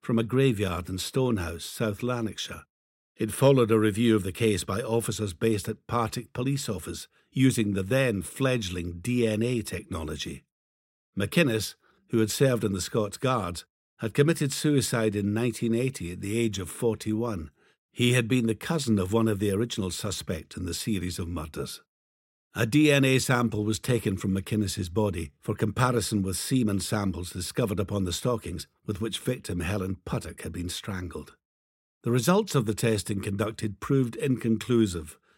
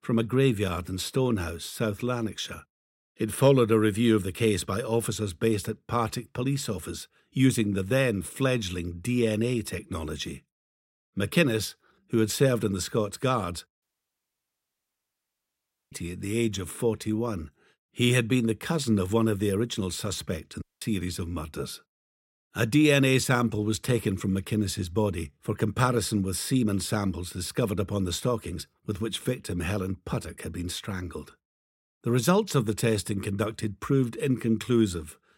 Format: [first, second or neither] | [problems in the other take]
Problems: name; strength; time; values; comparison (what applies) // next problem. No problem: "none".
first | audio cutting out; at 14 s for 2 s and at 21 s